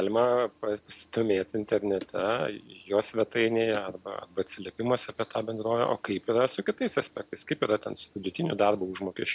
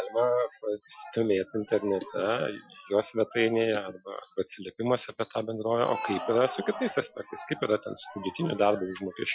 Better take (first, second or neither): first